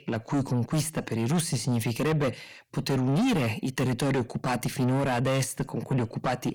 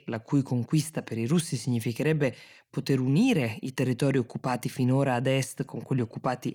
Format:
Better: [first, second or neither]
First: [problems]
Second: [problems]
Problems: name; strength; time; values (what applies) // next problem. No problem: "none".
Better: second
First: distortion; heavy; 7 dB below the speech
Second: none